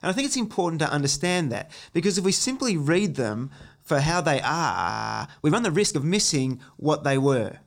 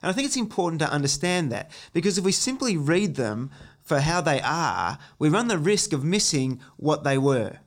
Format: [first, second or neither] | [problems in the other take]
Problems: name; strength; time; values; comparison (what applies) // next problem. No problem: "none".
second | audio freezing; at 5 s